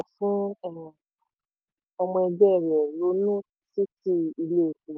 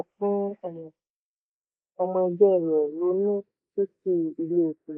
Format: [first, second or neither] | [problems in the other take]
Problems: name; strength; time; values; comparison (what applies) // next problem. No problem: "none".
first | noise reduction (neural mask model Resemble Enhance denoiser)